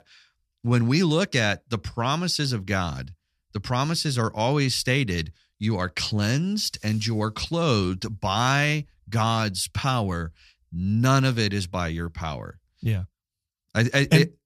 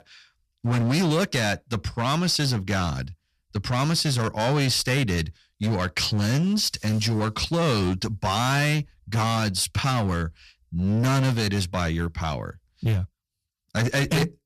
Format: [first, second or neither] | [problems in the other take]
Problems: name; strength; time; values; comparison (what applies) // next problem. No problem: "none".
first | distortion; heavy; 14% of the sound clipped